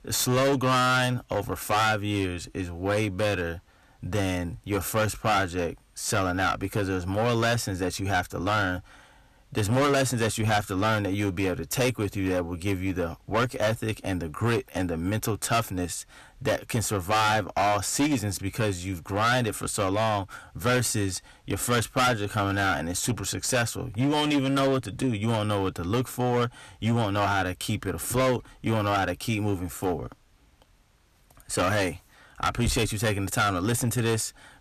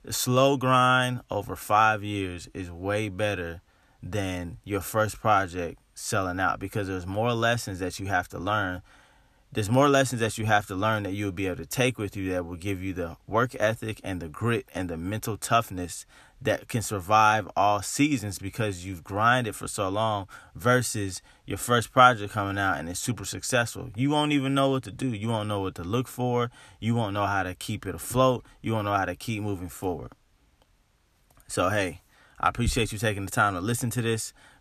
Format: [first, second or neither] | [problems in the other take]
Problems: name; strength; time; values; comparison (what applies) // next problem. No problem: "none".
second | distortion; heavy; 13% of the sound clipped